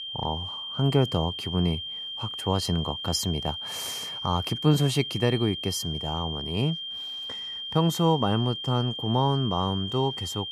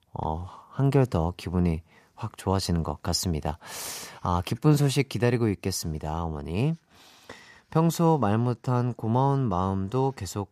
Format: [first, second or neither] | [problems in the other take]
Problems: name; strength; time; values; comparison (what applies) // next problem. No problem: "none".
second | high-pitched whine; loud; throughout; 3 kHz, 5 dB below the speech